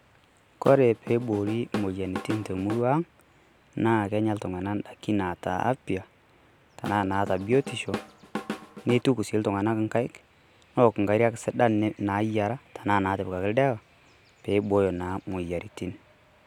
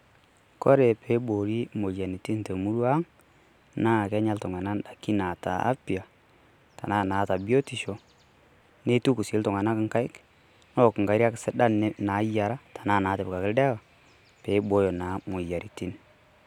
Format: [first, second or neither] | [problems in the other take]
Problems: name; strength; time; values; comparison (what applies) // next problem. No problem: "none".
second | background sound (Drum / Drum kit); 10 dB below the speech